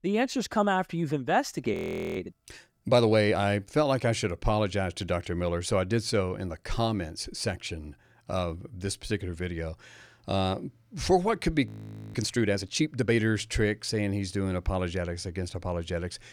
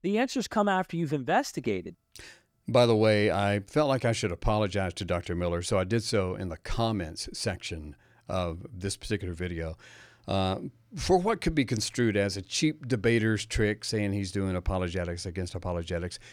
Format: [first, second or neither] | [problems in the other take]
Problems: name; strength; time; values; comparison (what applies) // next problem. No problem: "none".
second | audio freezing; at 1.5 s and at 12 s